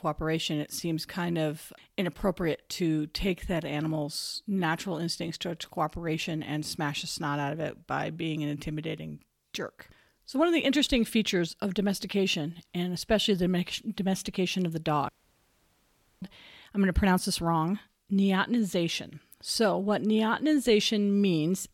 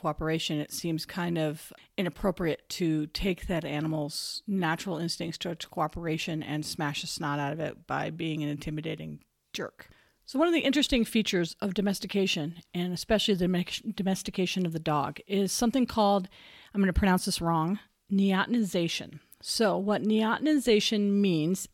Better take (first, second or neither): second